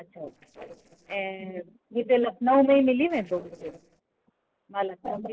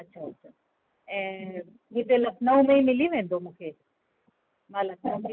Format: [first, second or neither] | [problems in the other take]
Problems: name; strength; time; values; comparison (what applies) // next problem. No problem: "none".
second | noise reduction (neural separator model SepFormer DNS4)